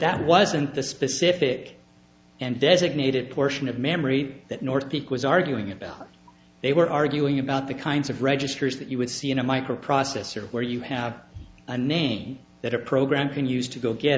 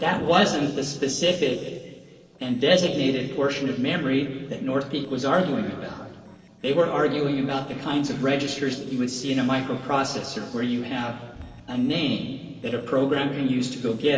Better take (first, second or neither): first